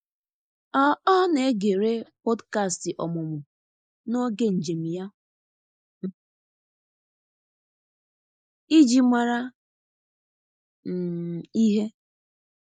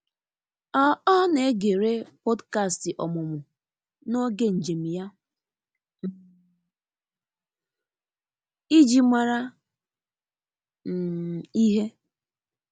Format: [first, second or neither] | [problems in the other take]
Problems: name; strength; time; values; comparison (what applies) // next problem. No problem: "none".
second | noise reduction (neural mask model Resemble Enhance denoiser)